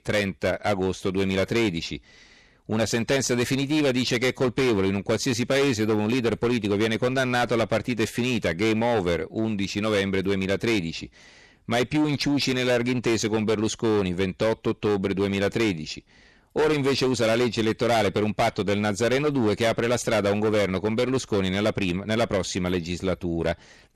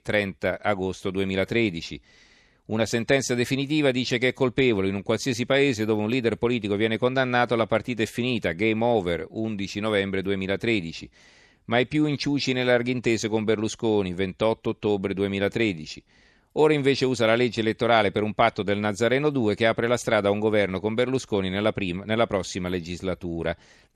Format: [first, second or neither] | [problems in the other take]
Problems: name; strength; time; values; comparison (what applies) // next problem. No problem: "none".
second | distortion; heavy; 15% of the sound clipped